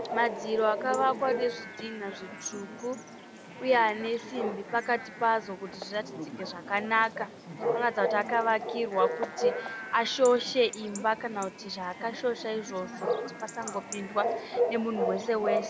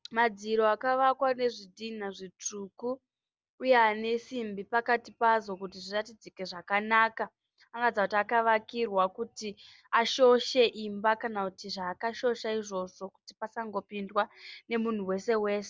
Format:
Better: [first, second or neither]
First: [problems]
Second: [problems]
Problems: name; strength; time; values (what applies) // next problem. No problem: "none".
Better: second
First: background sound (Bark / Chatter / Chirp, tweet / Livestock, farm animals, working animals); 4 dB below the speech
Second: none